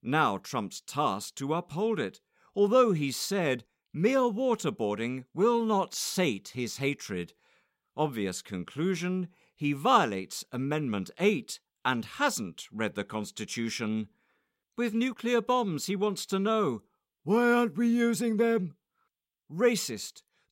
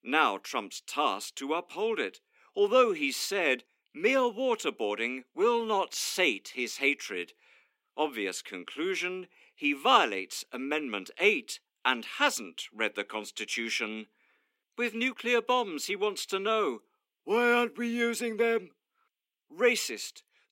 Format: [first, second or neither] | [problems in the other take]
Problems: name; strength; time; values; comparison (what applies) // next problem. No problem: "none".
first | thin; very slightly; fading below 250 Hz